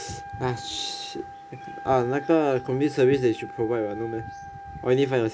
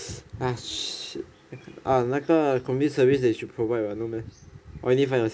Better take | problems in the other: second | background sound (Wind instrument, woodwind instrument); 14 dB below the speech

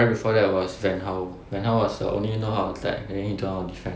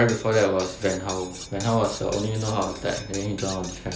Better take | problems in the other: first | background sound (Cutlery, silverware); 14 dB below the speech

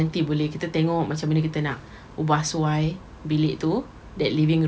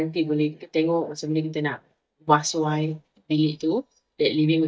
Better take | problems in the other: first | noise reduction (neural mask model DeepFilterNet 3)

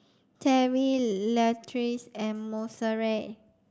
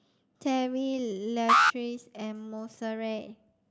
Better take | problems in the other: first | background sound (Alarm); 5 dB above the speech

